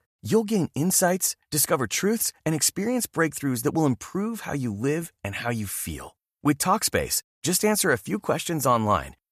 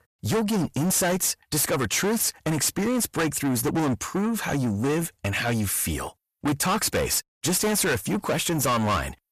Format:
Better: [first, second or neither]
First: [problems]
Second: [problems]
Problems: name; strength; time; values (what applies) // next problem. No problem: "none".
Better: first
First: none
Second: distortion; heavy; 5 dB below the speech